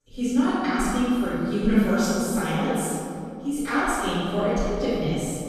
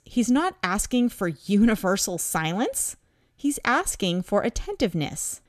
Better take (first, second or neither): second